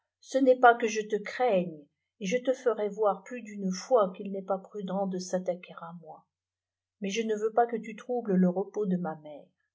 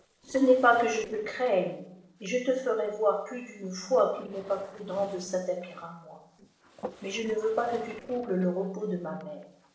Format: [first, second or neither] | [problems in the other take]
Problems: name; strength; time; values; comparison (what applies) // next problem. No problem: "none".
first | noise reduction (neural separator model SepFormer DNS4)